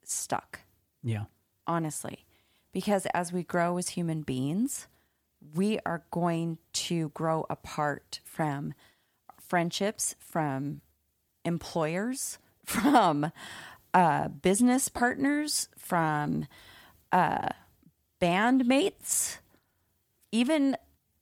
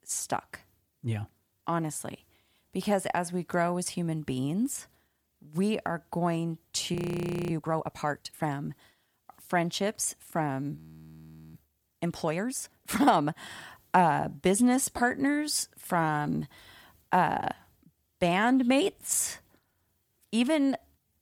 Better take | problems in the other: first | audio freezing; at 7 s for 0.5 s and at 11 s for 1 s

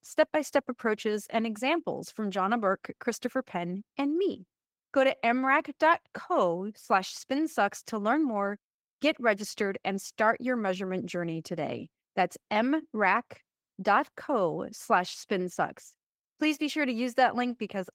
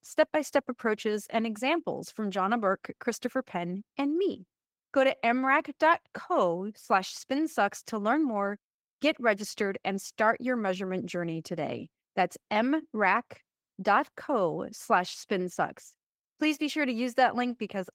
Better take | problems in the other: neither | garbled, watery; slightly; nothing above 16 kHz; the same in both

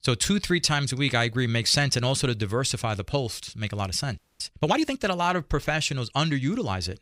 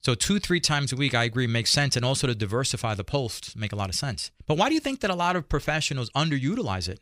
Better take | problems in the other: second | audio freezing; at 4 s

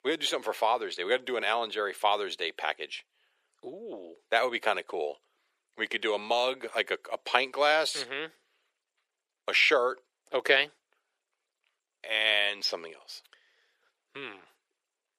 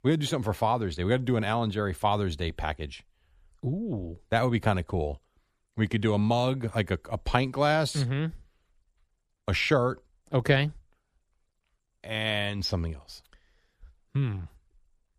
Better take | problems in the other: second | thin; very; fading below 400 Hz

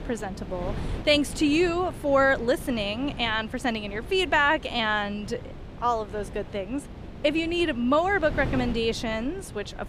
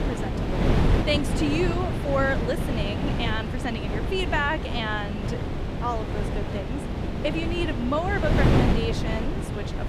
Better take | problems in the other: first | wind noise on the microphone; heavy; 3 dB below the speech; occasional gusts in the first

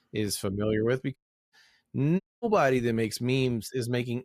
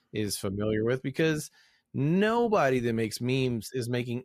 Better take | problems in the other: second | audio cutting out; at 1 s and at 2 s

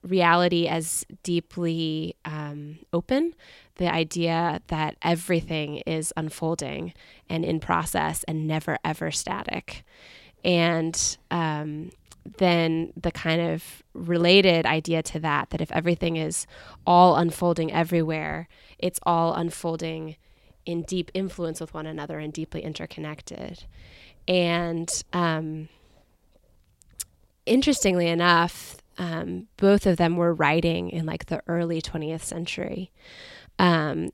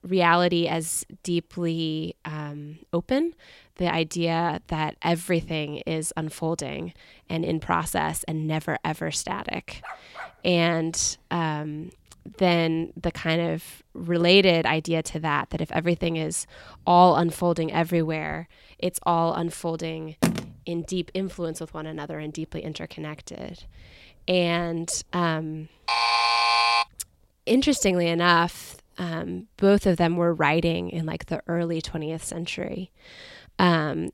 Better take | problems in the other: first | dog barking; faint; at 10 s; peak 15 dB below the speech // phone ringing; noticeable; at 20 s; peak 1 dB below the speech // alarm; loud; at 26 s; peak 6 dB above the speech

